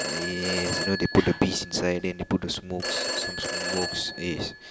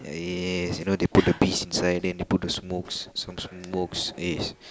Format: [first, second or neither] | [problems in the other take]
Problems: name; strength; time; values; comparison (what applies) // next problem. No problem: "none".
second | background sound (Telephone); 5 dB below the speech